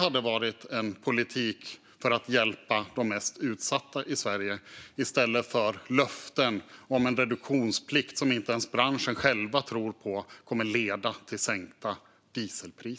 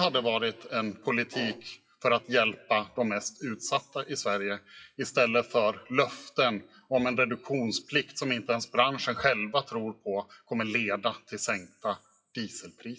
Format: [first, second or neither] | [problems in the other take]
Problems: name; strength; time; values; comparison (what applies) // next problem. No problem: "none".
first | noise reduction (classical method WPE with log-MMSE)